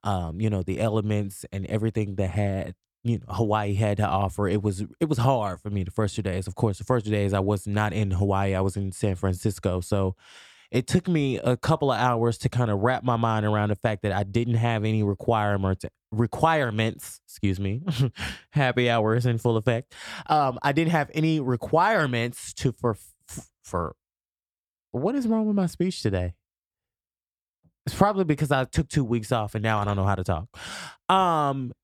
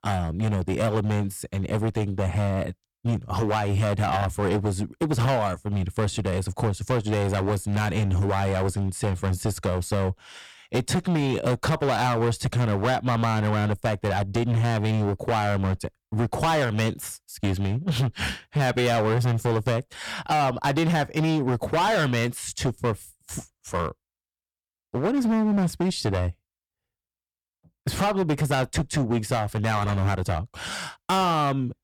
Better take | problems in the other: first | distortion; heavy; 15% of the sound clipped

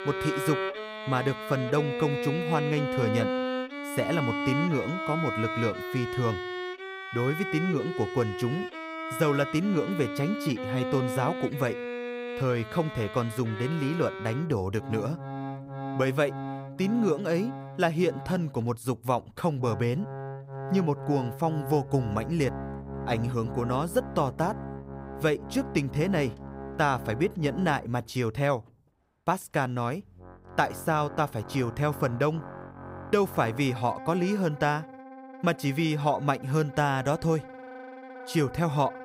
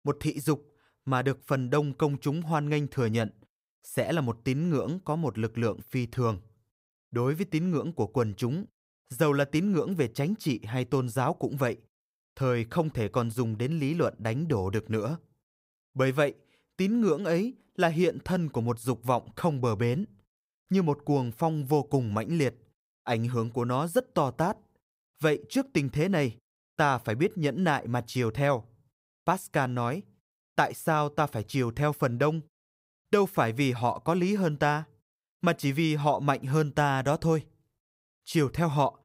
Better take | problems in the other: second | background music; loud; throughout; 7 dB below the speech

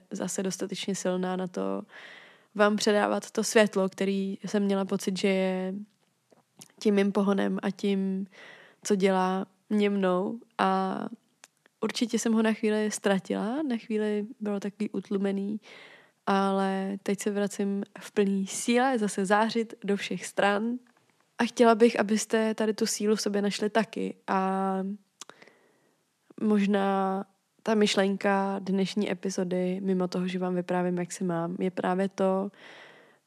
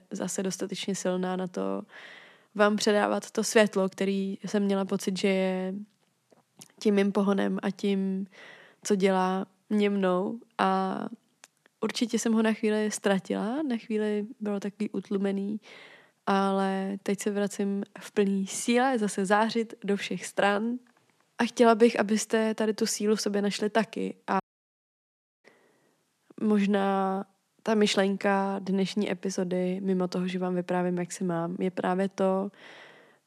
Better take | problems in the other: first | audio cutting out; at 24 s for 1 s

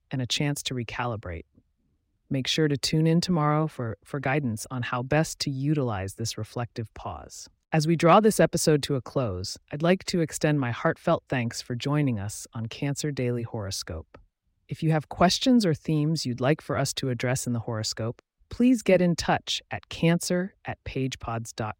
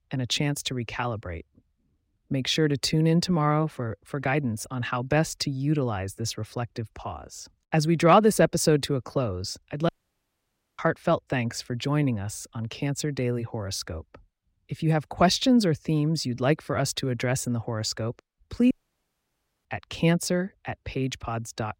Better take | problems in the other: first | audio cutting out; at 10 s for 1 s and at 19 s for 1 s

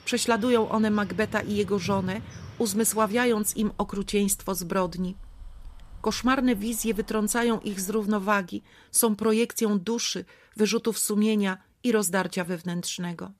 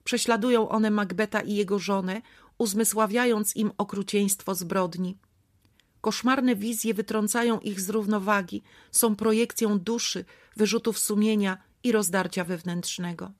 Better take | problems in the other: second | traffic noise; noticeable; until 7.5 s; 20 dB below the speech

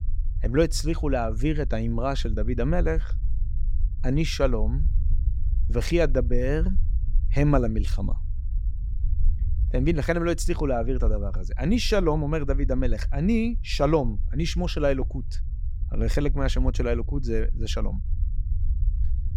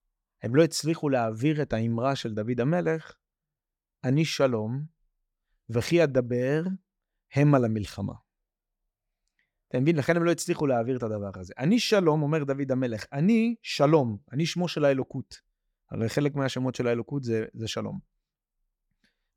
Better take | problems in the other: second | low rumble; faint; throughout; 20 dB below the speech

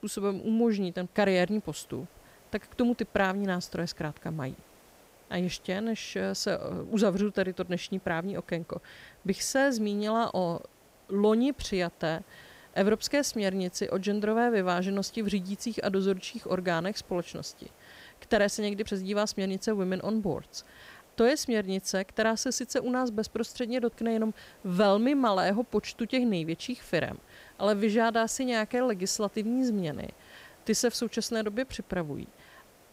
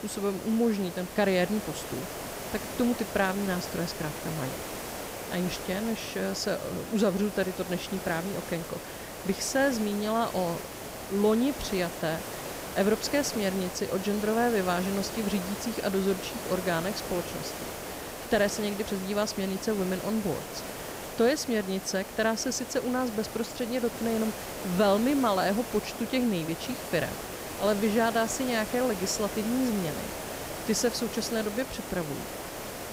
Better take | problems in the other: first | hiss; loud; throughout; 8 dB below the speech; faint in the first

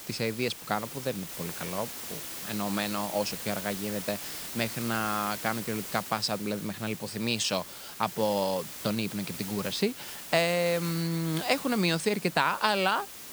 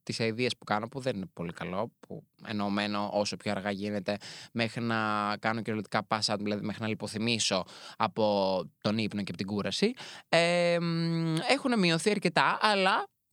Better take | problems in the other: second | hiss; loud; throughout; 8 dB below the speech

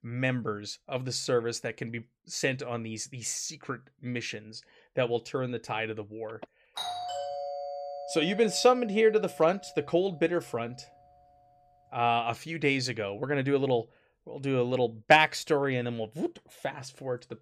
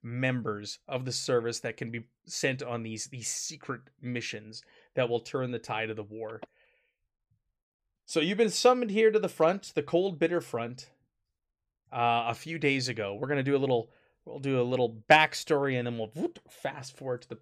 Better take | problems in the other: second | doorbell; noticeable; from 7 to 10 s; peak 5 dB below the speech

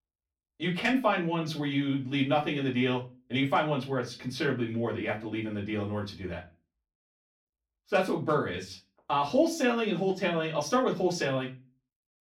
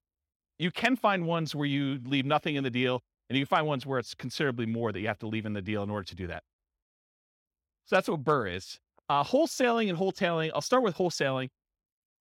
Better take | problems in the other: second | off-mic speech; far // room echo; very slight; dies away in 0.3 s

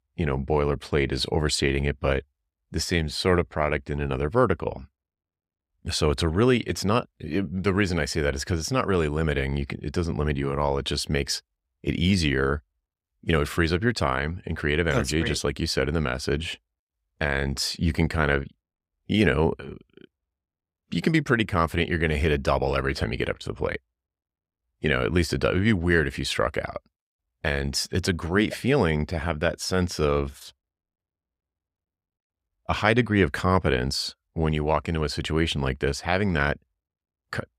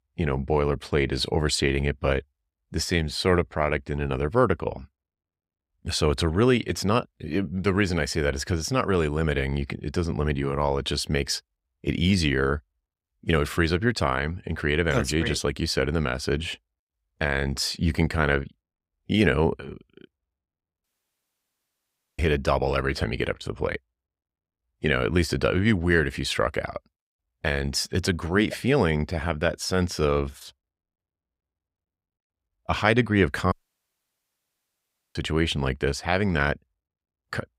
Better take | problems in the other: first | audio cutting out; at 21 s for 1.5 s and at 34 s for 1.5 s

